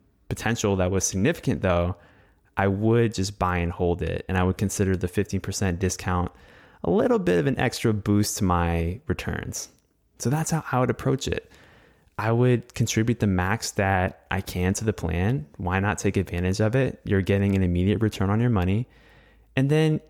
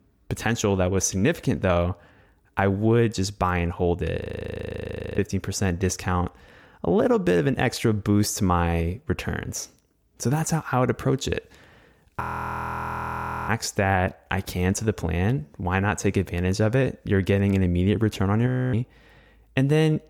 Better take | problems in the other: first | audio freezing; at 4 s for 1 s, at 12 s for 1.5 s and at 18 s

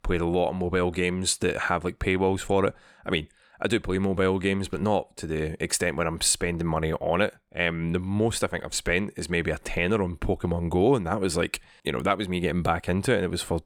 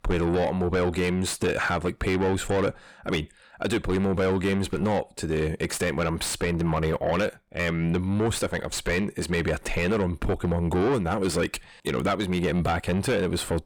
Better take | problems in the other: first | distortion; heavy; 7 dB below the speech

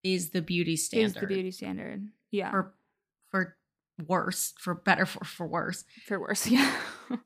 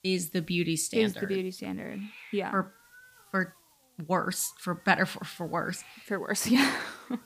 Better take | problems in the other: first | hiss; faint; throughout; 25 dB below the speech

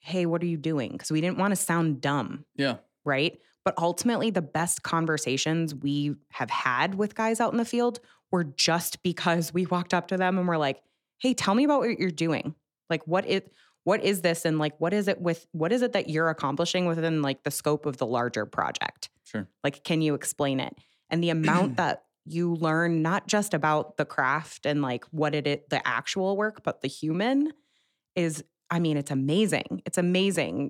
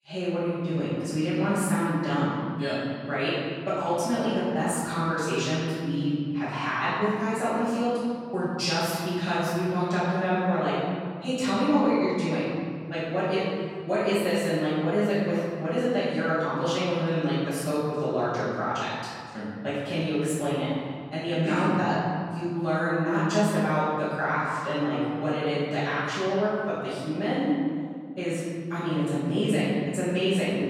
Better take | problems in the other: first | room echo; strong; dies away in 2.1 s // off-mic speech; far

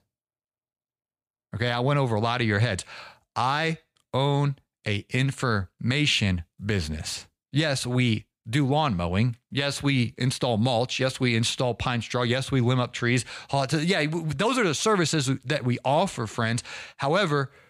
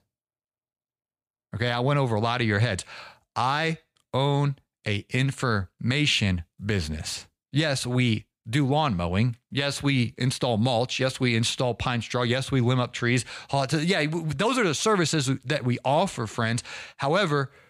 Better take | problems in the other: neither | none

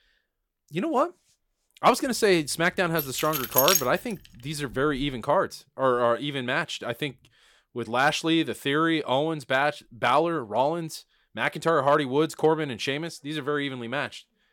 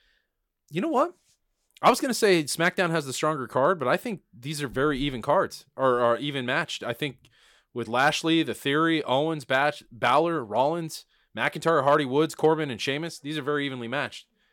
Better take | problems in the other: second | jangling keys; loud; at 3 s; peak 5 dB above the speech

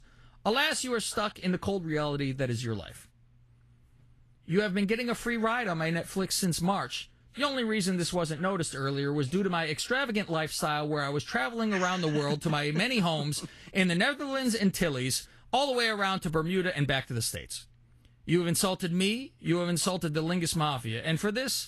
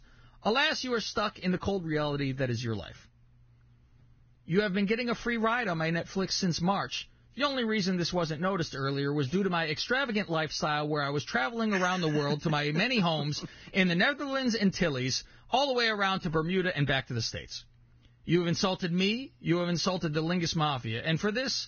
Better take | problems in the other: first | garbled, watery; badly; nothing above 6.5 kHz; slightly in the first

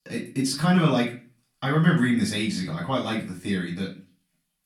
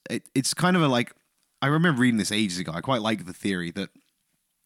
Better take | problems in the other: second | room echo; slight; dies away in 0.3 s // off-mic speech; far

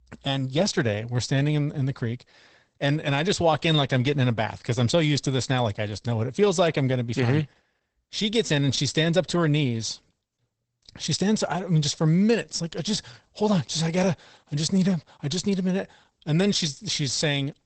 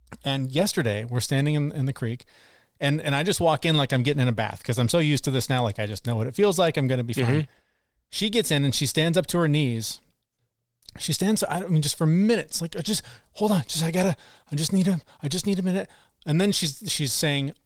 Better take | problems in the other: second | garbled, watery; badly; nothing above 8 kHz; slightly in the second

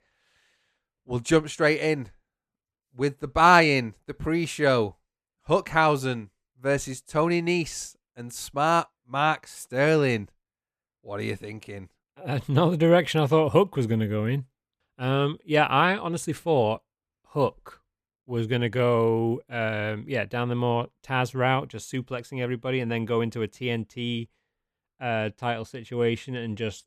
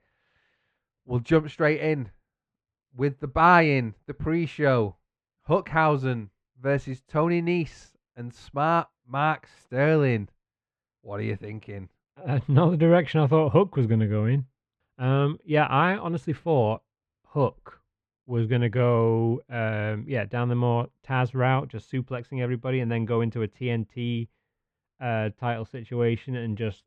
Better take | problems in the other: first | muffled; slightly; fading above 2.5 kHz

